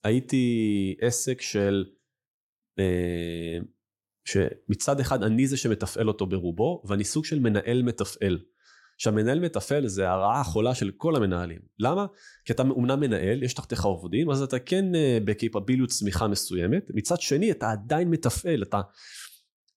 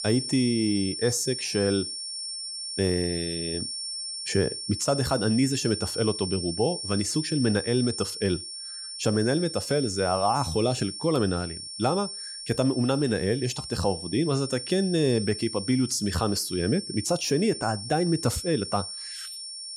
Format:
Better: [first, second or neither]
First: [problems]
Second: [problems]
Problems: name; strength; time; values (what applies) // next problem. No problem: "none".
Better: first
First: none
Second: high-pitched whine; loud; throughout; 5.5 kHz, 6 dB below the speech